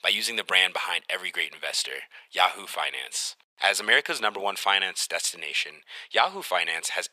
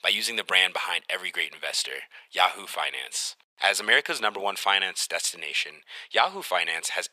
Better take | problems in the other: neither | thin; very; fading below 500 Hz; the same in both

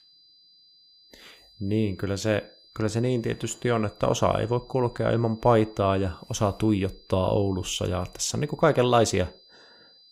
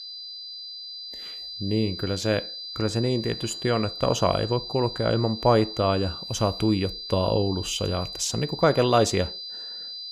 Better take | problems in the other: first | high-pitched whine; loud; throughout; 5 kHz, 9 dB below the speech; faint in the first

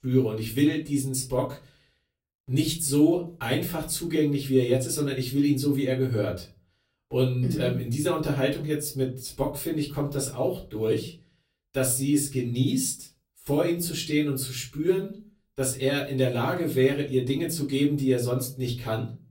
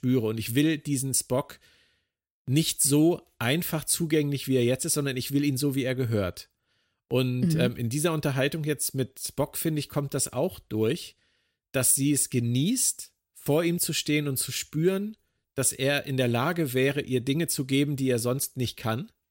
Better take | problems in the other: second | off-mic speech; far // room echo; very slight; dies away in 0.3 s

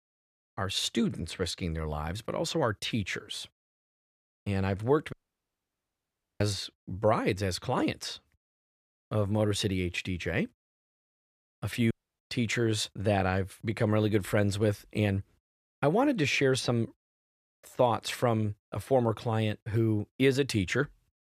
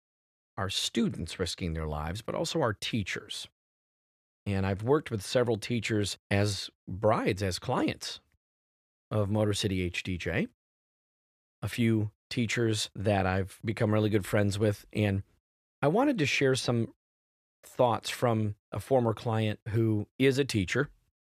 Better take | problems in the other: second | audio cutting out; at 5 s for 1.5 s and at 12 s

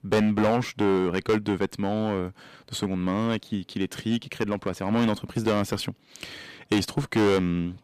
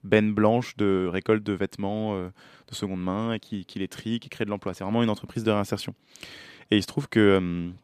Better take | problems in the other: second | distortion; heavy; 7% of the sound clipped

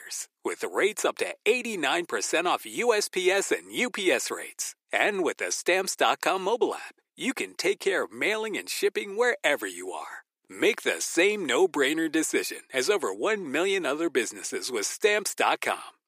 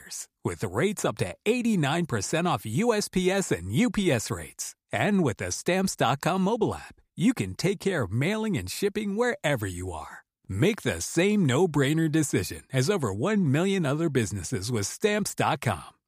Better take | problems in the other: second | thin; very; fading below 350 Hz

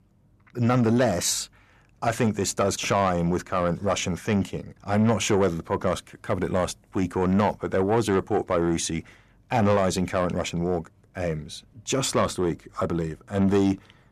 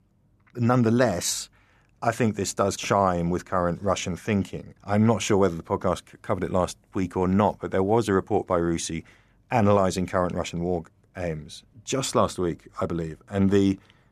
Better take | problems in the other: second | distortion; slight; 10 dB below the speech

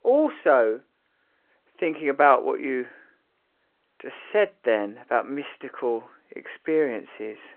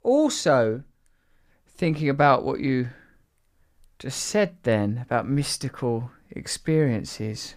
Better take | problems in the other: second | phone-call audio

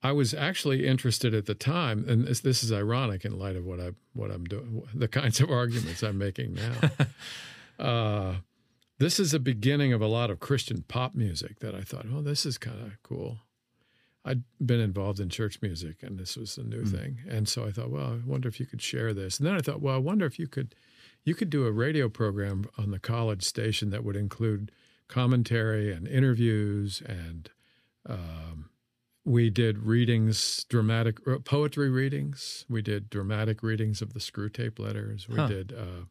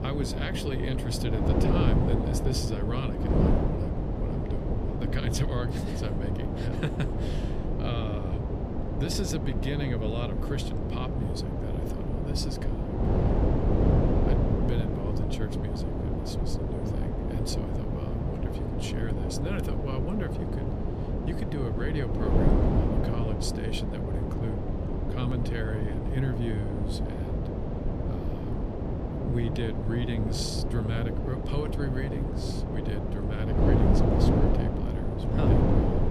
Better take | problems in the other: first | wind noise on the microphone; heavy; 3 dB above the speech

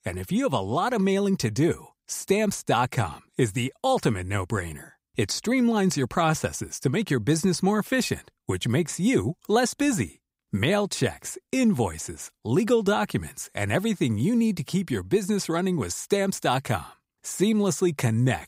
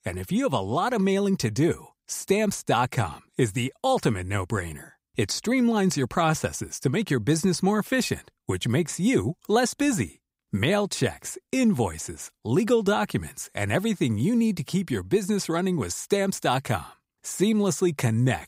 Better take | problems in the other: neither | none

